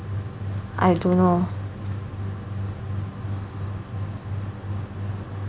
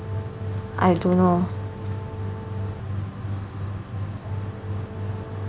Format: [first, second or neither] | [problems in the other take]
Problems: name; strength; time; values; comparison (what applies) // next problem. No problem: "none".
first | background sound (Brass instrument); 18 dB below the speech